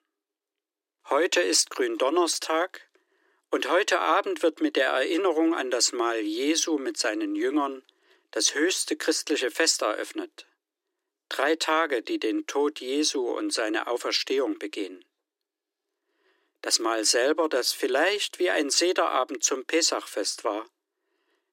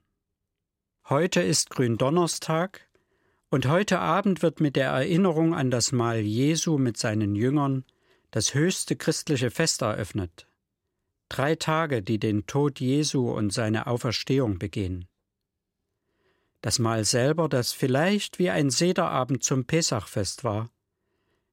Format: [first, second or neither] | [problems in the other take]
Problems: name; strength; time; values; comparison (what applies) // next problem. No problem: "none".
second | thin; somewhat; fading below 300 Hz